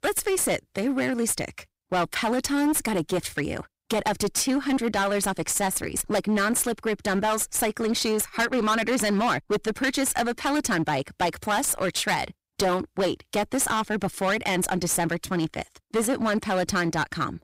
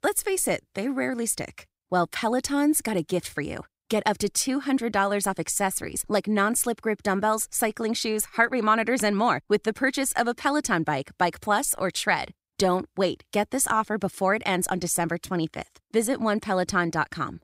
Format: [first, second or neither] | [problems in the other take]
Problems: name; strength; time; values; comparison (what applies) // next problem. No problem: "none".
second | distortion; heavy; 15% of the sound clipped